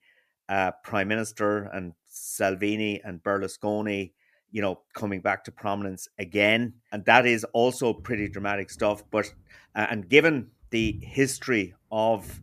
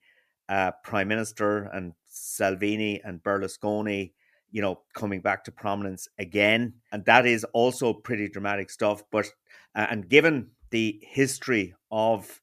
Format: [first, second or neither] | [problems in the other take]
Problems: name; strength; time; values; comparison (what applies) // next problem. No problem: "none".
second | footsteps; faint; from 8 s on; peak 10 dB below the speech